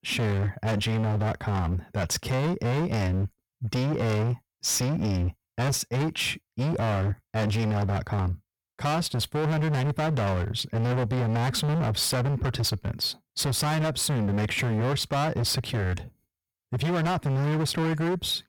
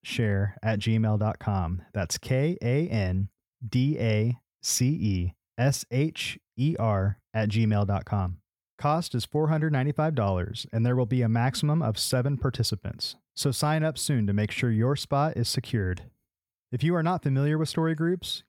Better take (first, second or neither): second